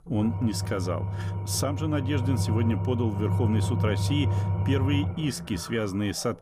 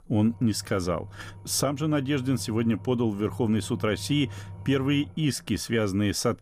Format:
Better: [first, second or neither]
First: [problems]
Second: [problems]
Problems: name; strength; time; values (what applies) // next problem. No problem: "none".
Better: second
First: low rumble; loud; throughout; 7 dB below the speech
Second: low rumble; faint; throughout; 25 dB below the speech